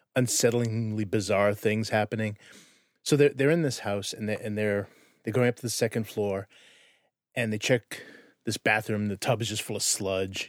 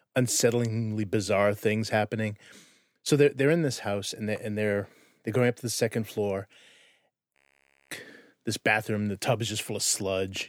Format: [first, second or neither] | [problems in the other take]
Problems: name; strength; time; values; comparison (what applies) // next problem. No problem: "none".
first | audio freezing; at 7.5 s for 0.5 s